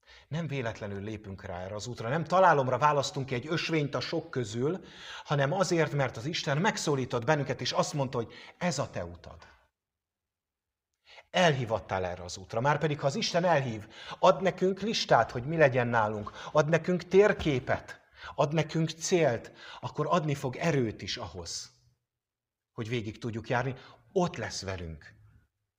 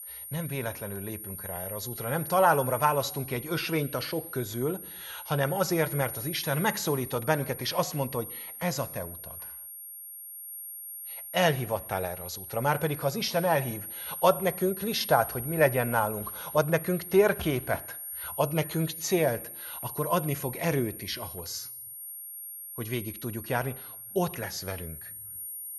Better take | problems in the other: first | high-pitched whine; loud; throughout; 11.5 kHz, 9 dB below the speech

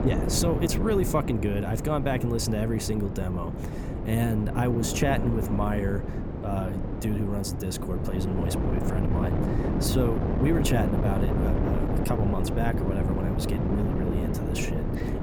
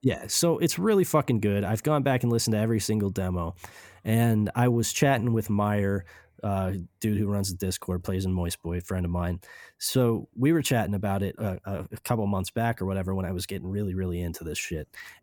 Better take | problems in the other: second | wind noise on the microphone; heavy; 3 dB below the speech

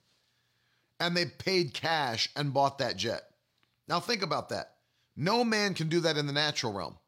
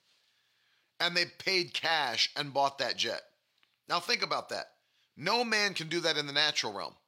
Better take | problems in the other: first | thin; somewhat; fading below 1 kHz

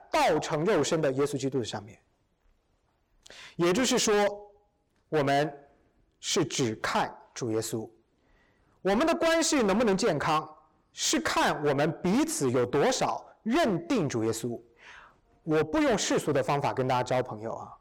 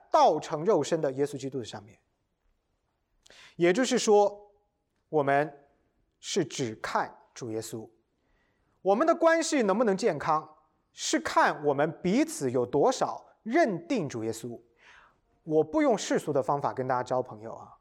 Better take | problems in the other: second | distortion; heavy; 14% of the sound clipped

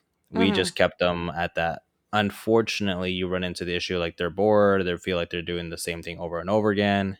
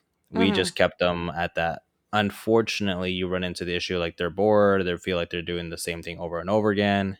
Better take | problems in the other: neither | none

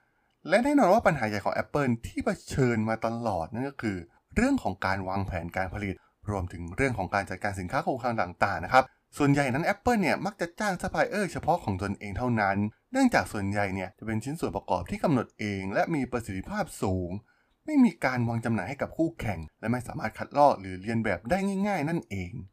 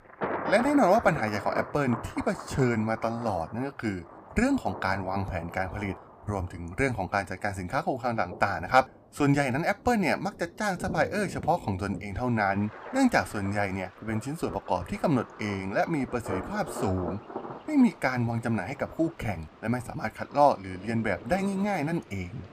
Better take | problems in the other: first | rain or running water; noticeable; throughout; 10 dB below the speech

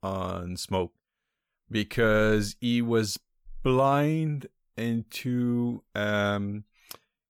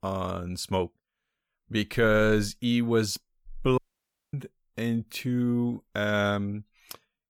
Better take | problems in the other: first | audio cutting out; at 4 s for 0.5 s

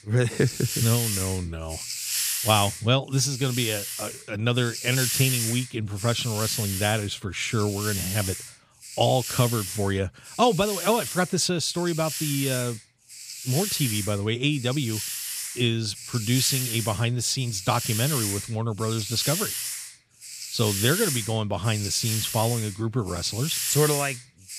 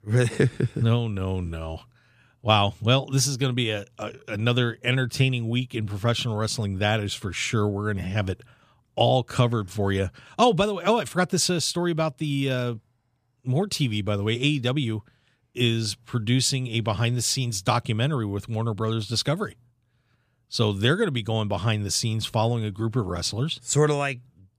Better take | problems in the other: second | hiss; loud; throughout; 4 dB below the speech

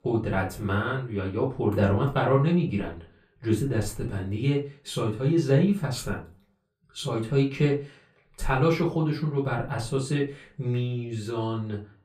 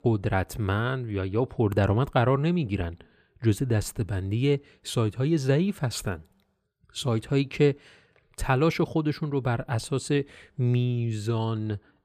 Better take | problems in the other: second | room echo; slight; dies away in 0.2 s // off-mic speech; far

